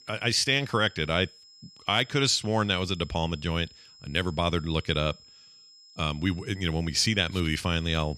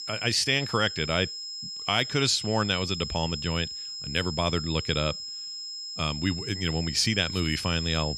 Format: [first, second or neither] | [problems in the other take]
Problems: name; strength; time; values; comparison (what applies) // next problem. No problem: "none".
first | high-pitched whine; loud; throughout; 5 kHz, 7 dB below the speech; faint in the first